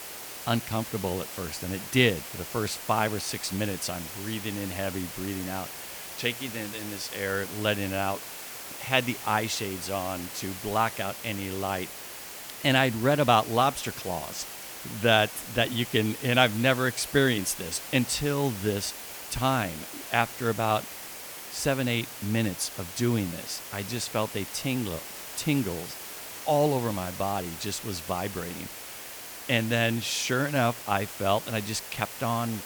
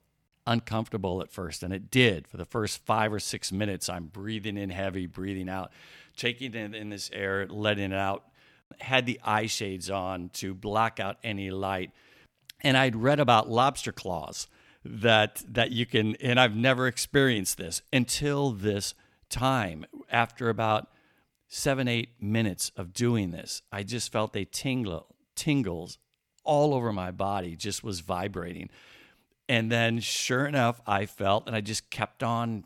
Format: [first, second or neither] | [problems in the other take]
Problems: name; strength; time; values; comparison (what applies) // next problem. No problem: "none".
second | hiss; loud; throughout; 9 dB below the speech